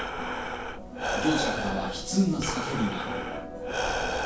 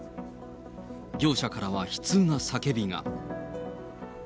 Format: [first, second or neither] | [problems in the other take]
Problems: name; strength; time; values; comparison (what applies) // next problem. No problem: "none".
second | background sound (Breathing); 1 dB below the speech // room echo; dies away in 0.7 s